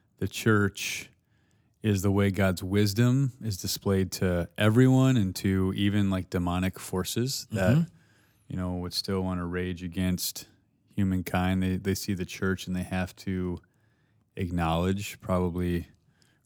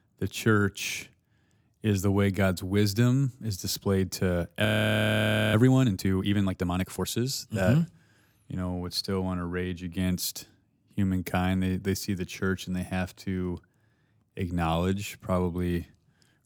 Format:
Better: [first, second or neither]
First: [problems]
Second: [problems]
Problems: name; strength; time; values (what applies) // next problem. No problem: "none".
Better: first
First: none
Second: audio freezing; at 4.5 s for 1 s